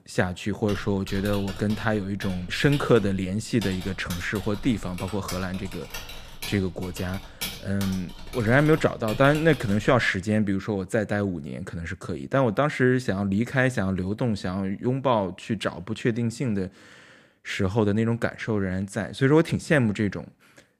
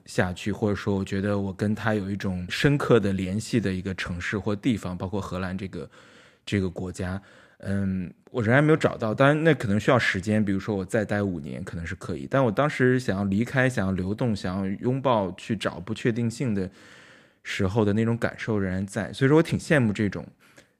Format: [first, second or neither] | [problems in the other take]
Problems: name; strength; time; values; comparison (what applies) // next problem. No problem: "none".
second | keyboard typing; noticeable; from 0.5 to 10 s; peak 7 dB below the speech